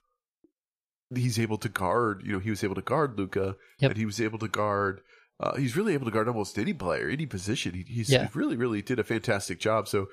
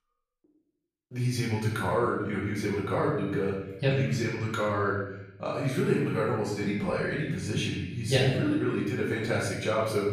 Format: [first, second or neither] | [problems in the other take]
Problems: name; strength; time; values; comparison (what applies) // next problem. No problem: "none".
first | off-mic speech; far // room echo; noticeable; dies away in 1 s